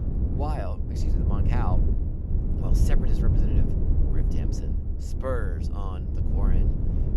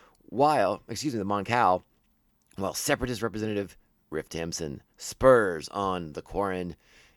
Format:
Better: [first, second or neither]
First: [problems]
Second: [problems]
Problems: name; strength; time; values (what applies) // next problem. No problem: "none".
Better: second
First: low rumble; loud; throughout; 2 dB below the speech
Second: none